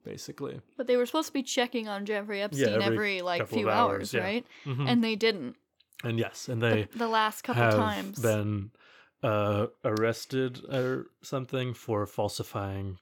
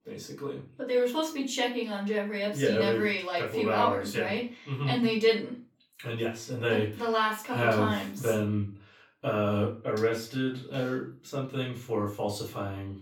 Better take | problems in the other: first | off-mic speech; far // room echo; slight; dies away in 0.3 s

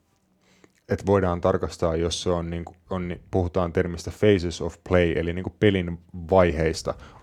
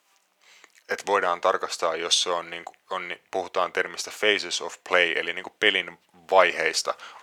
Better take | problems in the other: first | thin; very; fading below 900 Hz

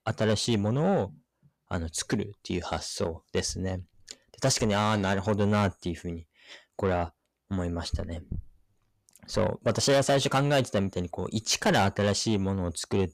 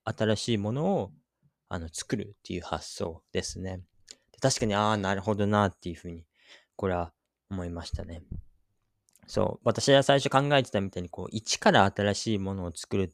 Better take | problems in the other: second | distortion; heavy; 7 dB below the speech

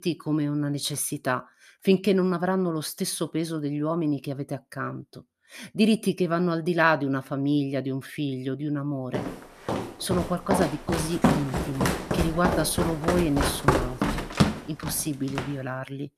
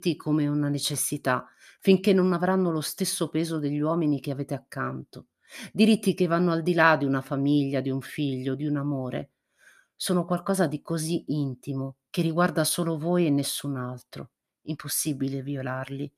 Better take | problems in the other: second | footsteps; loud; from 9 to 15 s; peak 4 dB above the speech

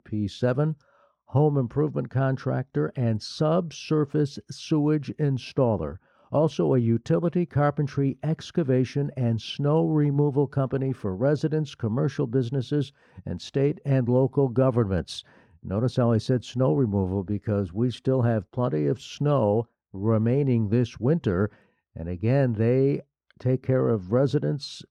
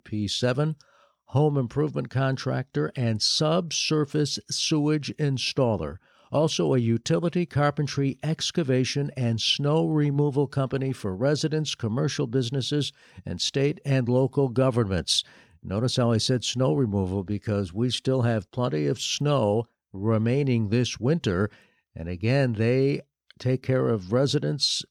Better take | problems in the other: second | muffled; slightly; fading above 2 kHz

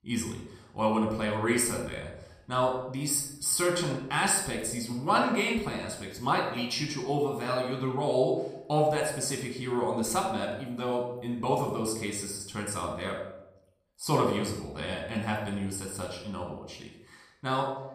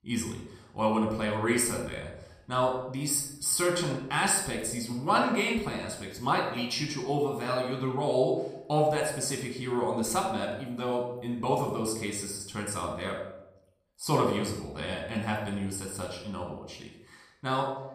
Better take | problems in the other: neither | off-mic speech; somewhat distant; the same in both // room echo; noticeable; dies away in 0.7 s; the same in both

